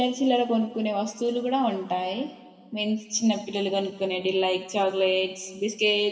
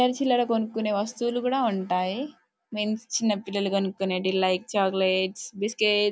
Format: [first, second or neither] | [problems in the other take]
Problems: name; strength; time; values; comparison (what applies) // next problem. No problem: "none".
second | room echo; dies away in 2.6 s